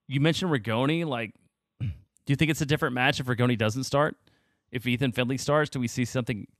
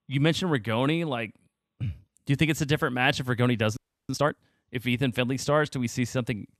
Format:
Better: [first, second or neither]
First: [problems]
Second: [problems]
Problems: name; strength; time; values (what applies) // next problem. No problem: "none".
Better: first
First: none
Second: audio freezing; at 4 s